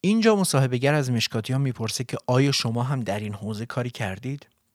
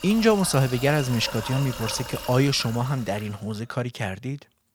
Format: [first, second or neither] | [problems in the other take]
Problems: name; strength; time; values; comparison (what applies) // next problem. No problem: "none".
first | household noises; noticeable; until 3 s; 10 dB below the speech